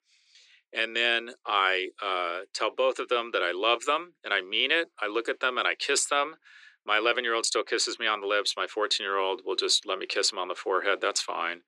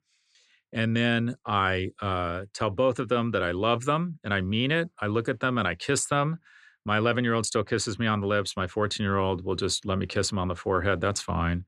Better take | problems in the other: second | thin; very; fading below 350 Hz

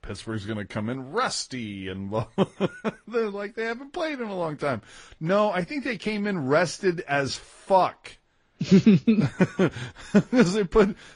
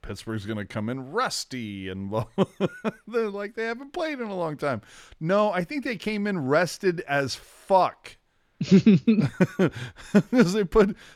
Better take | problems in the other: second | garbled, watery; slightly; nothing above 10 kHz

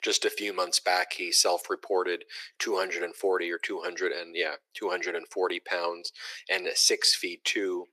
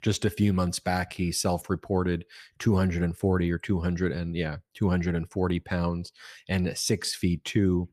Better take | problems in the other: second | thin; very; fading below 350 Hz

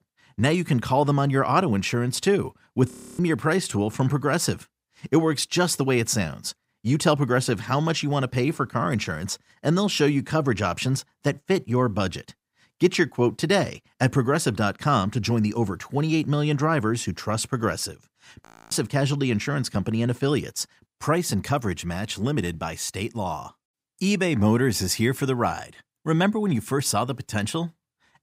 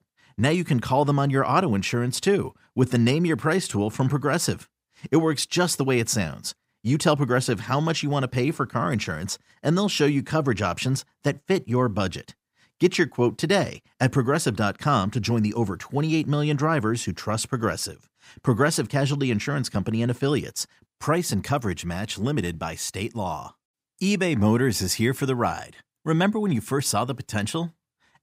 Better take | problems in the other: second | audio freezing; at 3 s and at 18 s

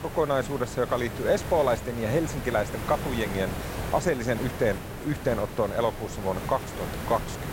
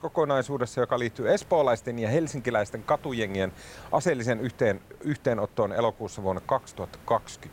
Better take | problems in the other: second | hiss; loud; throughout; 7 dB below the speech; faint in the second

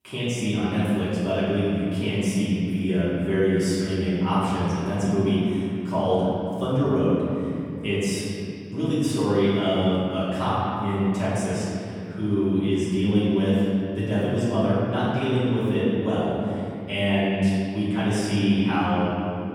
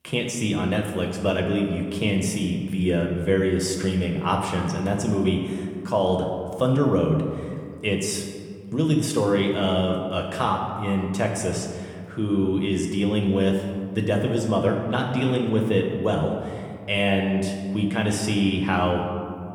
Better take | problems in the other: second | room echo; strong; dies away in 2.9 s; slight in the second // off-mic speech; far

